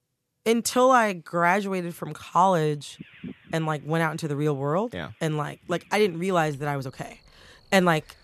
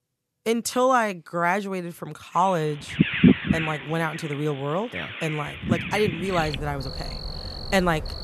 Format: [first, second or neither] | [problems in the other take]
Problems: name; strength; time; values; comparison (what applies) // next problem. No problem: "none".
first | animal sounds; loud; from 2.5 s on; 1 dB below the speech; faint in the first